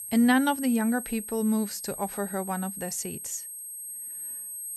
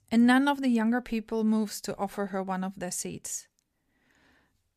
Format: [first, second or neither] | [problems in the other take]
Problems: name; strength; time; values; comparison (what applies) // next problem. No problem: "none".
second | high-pitched whine; loud; throughout; 8 kHz, 8 dB below the speech